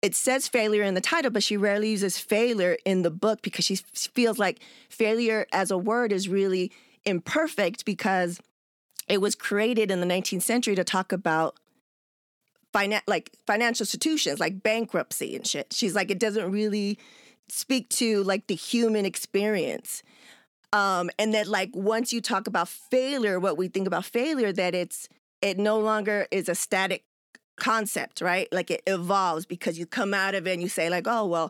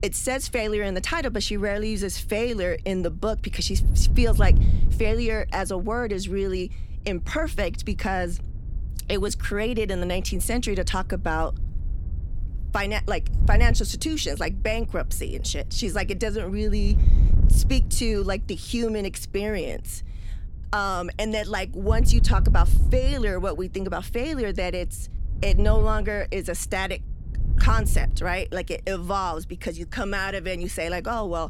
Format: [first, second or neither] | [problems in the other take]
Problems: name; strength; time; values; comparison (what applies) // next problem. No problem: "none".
first | wind noise on the microphone; occasional gusts; 20 dB below the speech